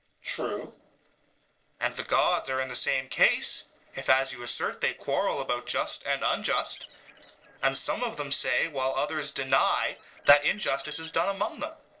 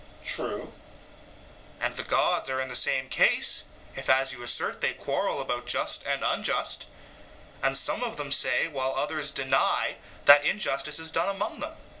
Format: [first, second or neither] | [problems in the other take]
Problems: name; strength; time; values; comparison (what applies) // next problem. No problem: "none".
second | noise reduction (neural separator model SepFormer DNS4)